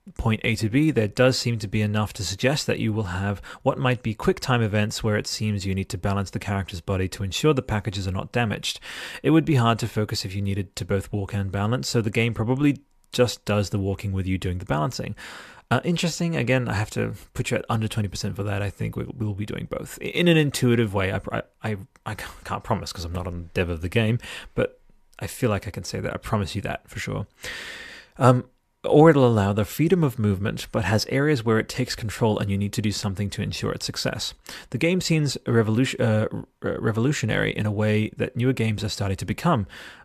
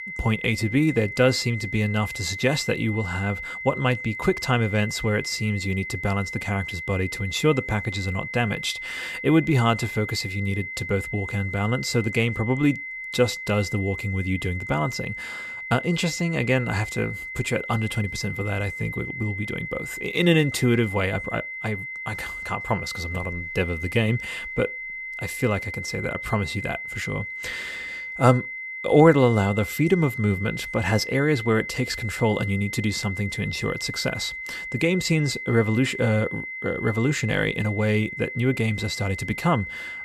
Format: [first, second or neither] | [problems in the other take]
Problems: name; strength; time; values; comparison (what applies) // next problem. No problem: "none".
first | high-pitched whine; loud; throughout; 2 kHz, 7 dB below the speech